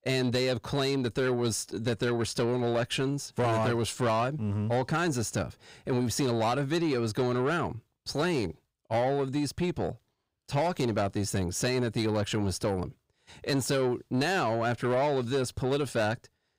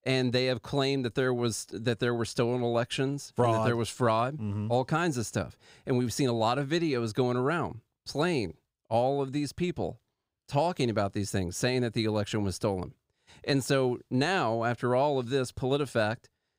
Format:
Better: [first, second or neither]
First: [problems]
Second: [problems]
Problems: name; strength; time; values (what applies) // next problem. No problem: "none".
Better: second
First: distortion; slight; 10 dB below the speech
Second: none